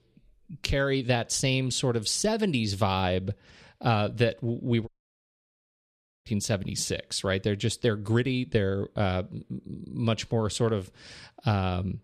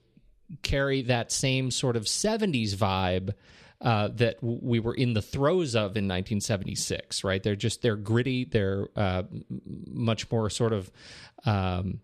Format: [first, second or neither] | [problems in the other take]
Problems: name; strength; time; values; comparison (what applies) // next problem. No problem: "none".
second | audio cutting out; at 5 s for 1.5 s